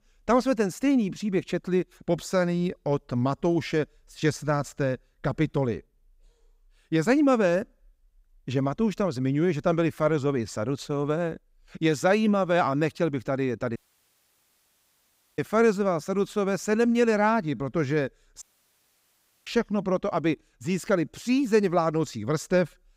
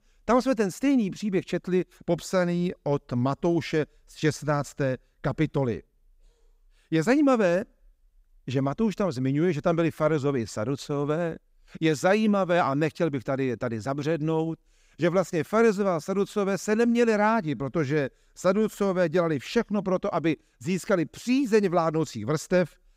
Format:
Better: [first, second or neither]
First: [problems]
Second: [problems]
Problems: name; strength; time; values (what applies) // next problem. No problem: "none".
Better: second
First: audio cutting out; at 14 s for 1.5 s and at 18 s for 1 s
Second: none